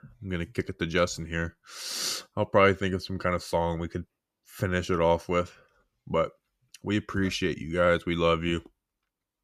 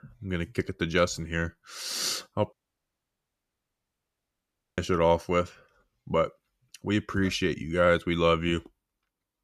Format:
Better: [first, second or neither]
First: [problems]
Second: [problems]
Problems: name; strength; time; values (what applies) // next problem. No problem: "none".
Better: first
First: none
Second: audio cutting out; at 2.5 s for 2.5 s